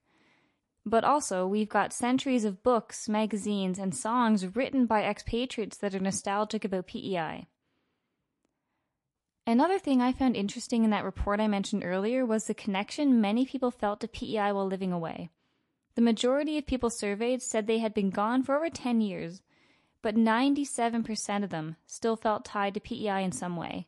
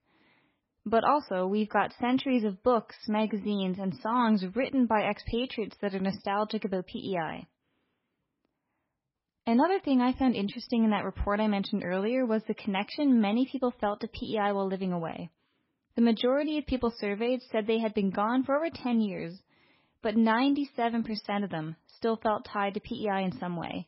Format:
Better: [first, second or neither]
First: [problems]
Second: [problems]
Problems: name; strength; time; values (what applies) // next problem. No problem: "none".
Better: first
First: garbled, watery; slightly; nothing above 11 kHz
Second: garbled, watery; badly; nothing above 5.5 kHz